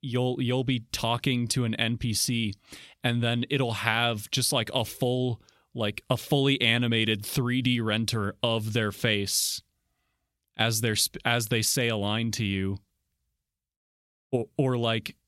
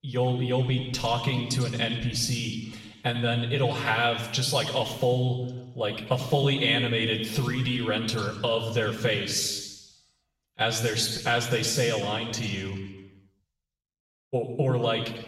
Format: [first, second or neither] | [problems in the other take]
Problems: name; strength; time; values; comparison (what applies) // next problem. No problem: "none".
first | room echo; noticeable; dies away in 1.1 s // off-mic speech; far